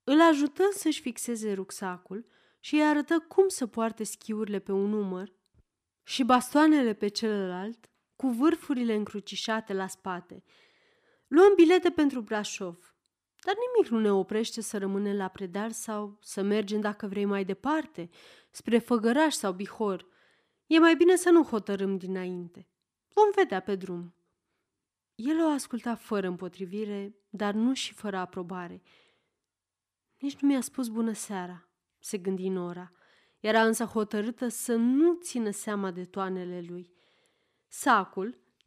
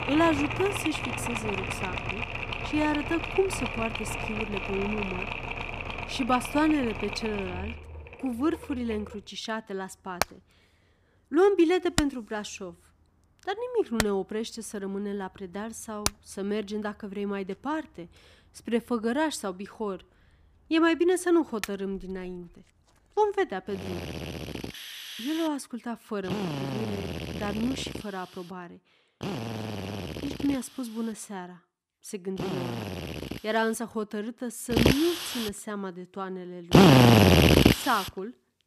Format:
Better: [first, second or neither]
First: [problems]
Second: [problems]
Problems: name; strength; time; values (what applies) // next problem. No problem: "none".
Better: first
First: none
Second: machinery noise; very loud; throughout; 3 dB above the speech